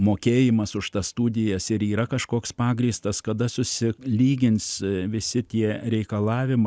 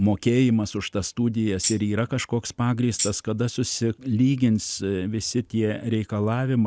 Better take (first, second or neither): first